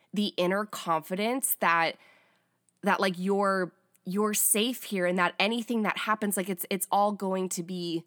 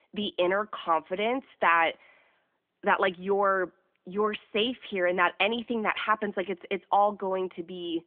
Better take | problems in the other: first | phone-call audio; nothing above 3.5 kHz

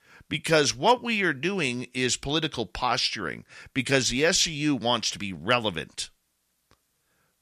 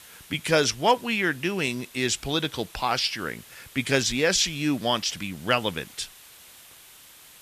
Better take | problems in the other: first | hiss; faint; throughout; 20 dB below the speech

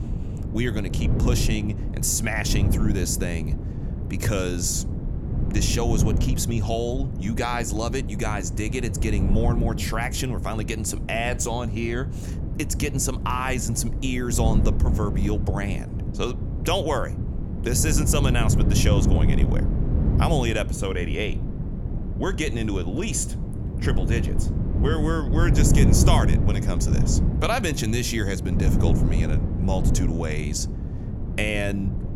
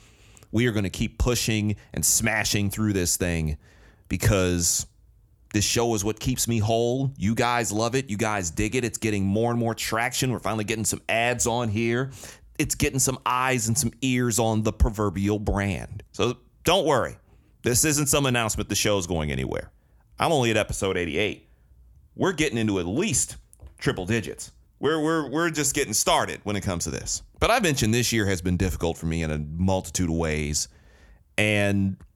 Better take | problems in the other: second | wind noise on the microphone; heavy; 8 dB below the speech

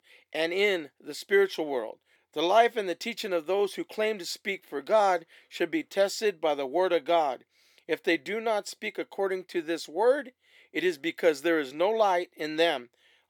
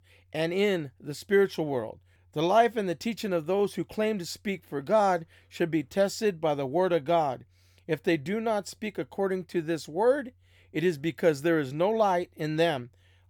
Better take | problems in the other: second | thin; somewhat; fading below 300 Hz

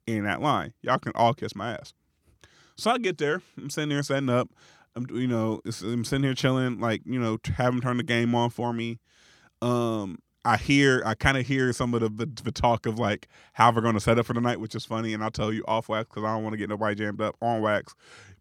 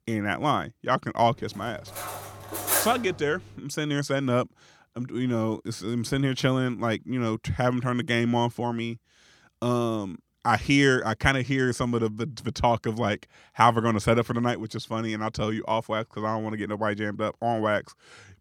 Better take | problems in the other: first | clattering dishes; loud; from 2 to 3 s; peak 2 dB above the speech

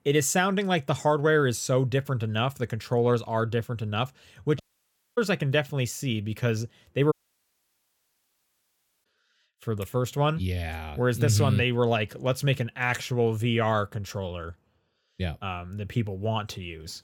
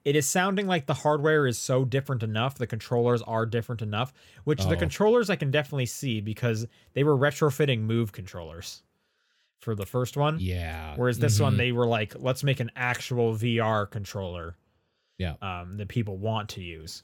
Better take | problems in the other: second | audio cutting out; at 4.5 s for 0.5 s and at 7 s for 2 s

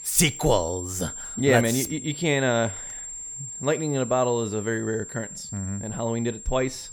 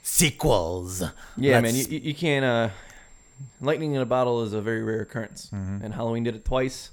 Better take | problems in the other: second | high-pitched whine; loud; throughout; 7.5 kHz, 10 dB below the speech; faint in the second

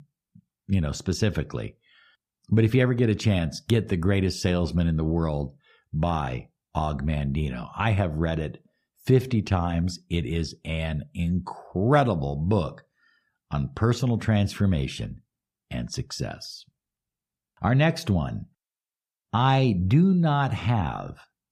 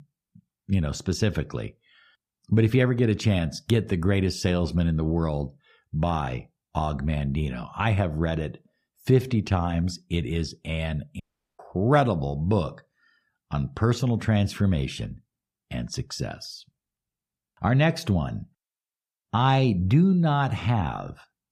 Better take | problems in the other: first | audio cutting out; at 11 s

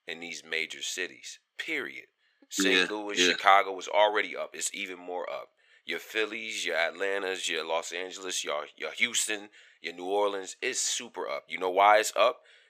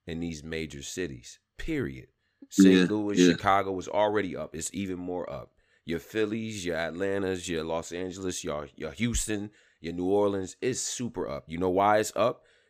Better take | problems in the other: second | thin; very; fading below 700 Hz

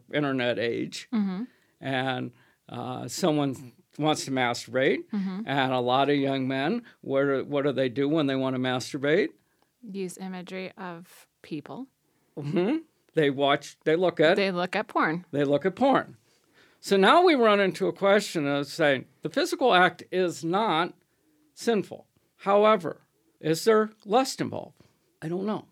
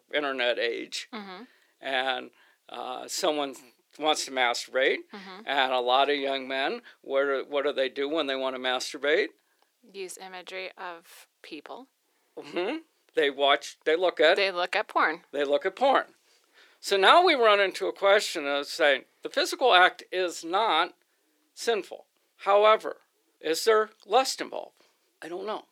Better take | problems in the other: first | thin; somewhat; fading below 400 Hz

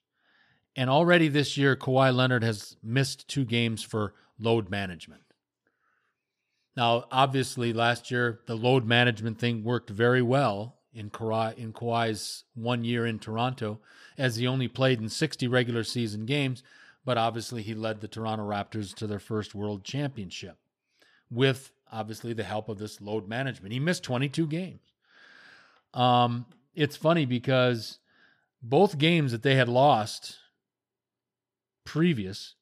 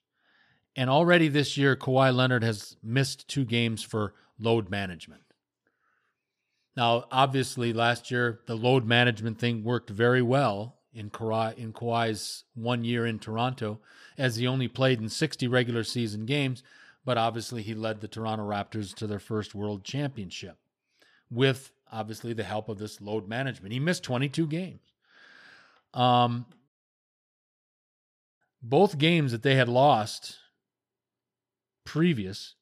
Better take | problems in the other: first | audio cutting out; at 27 s for 1.5 s

